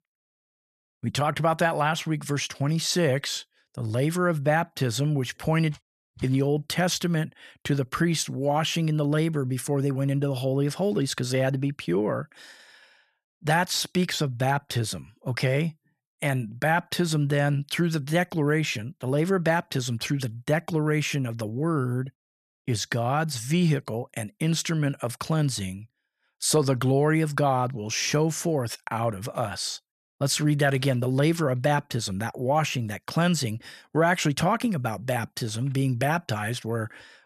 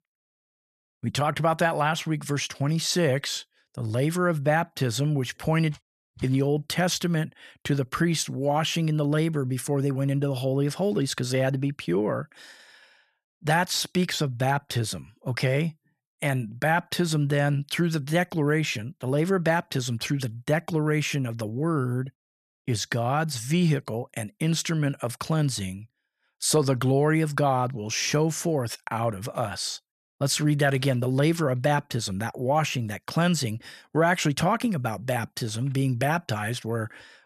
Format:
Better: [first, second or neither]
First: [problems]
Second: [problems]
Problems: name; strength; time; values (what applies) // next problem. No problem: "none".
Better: neither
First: none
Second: none